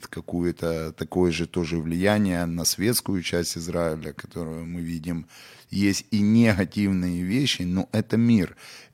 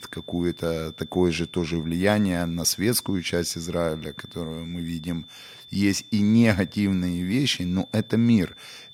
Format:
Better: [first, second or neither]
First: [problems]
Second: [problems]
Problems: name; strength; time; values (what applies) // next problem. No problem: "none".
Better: first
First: none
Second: high-pitched whine; noticeable; throughout; 3.5 kHz, 20 dB below the speech